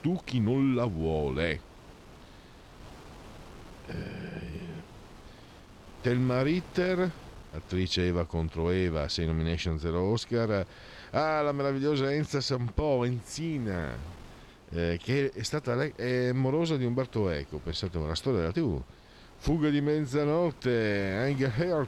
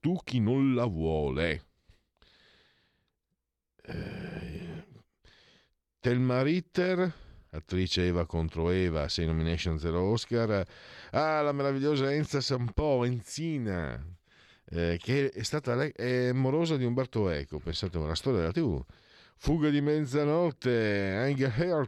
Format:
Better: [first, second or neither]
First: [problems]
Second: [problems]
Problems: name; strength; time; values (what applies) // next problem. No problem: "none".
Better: second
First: wind noise on the microphone; occasional gusts; 20 dB below the speech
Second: none